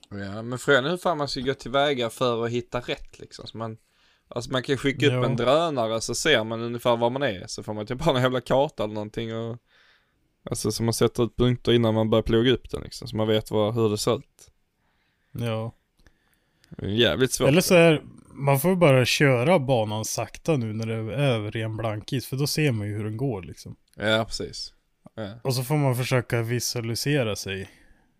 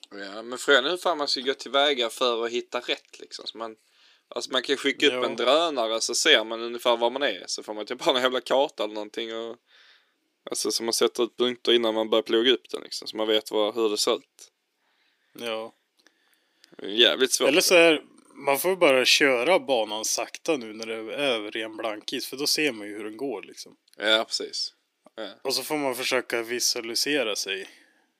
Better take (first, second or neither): first